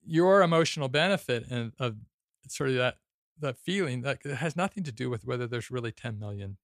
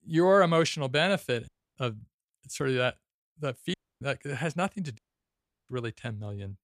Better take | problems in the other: first | audio cutting out; at 1.5 s, at 3.5 s and at 5 s for 0.5 s

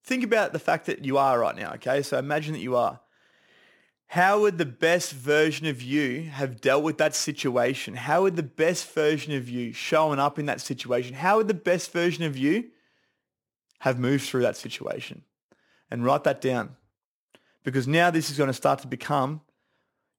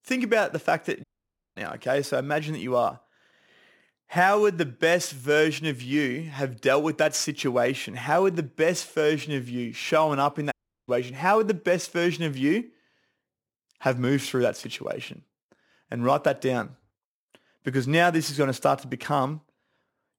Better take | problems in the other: first | audio cutting out; at 1 s for 0.5 s and at 11 s

